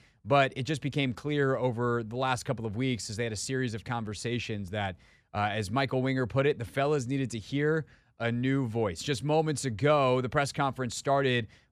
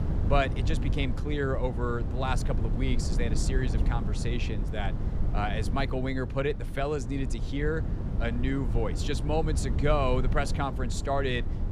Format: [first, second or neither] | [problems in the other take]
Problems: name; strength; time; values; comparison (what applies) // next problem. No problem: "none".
first | wind noise on the microphone; occasional gusts; 10 dB below the speech